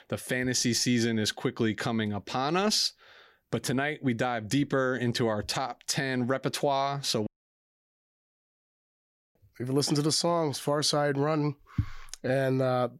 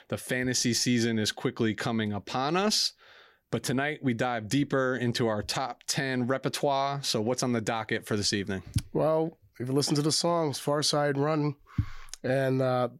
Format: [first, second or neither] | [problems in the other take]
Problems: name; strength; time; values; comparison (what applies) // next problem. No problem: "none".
second | audio cutting out; at 7.5 s for 2 s